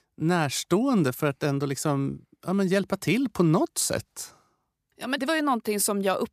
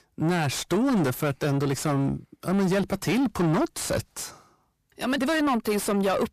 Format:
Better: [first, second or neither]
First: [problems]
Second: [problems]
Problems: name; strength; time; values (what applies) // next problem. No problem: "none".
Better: first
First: none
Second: distortion; heavy; 7 dB below the speech